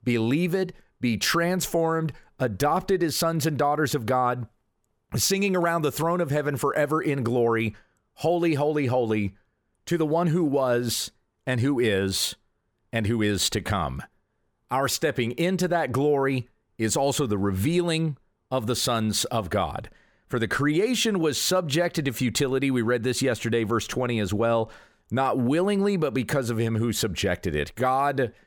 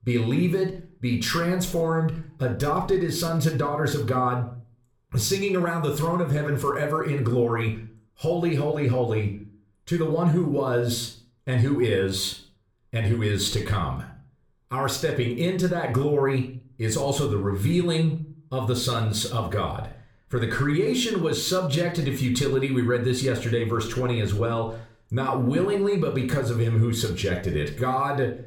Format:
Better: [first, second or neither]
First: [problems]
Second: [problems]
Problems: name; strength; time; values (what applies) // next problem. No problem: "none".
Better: first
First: none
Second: off-mic speech; somewhat distant // room echo; slight; dies away in 0.4 s